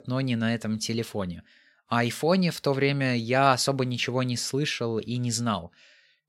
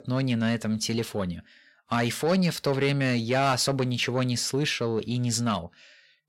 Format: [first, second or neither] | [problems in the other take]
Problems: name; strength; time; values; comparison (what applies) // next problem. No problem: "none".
first | distortion; slight; 10 dB below the speech